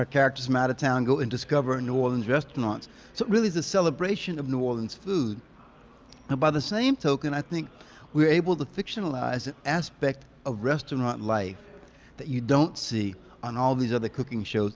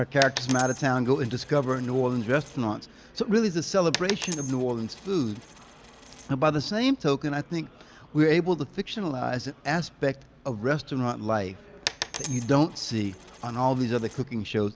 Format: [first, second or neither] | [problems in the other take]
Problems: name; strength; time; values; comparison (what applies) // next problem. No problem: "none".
first | background sound (Coin (dropping)); 12 dB below the speech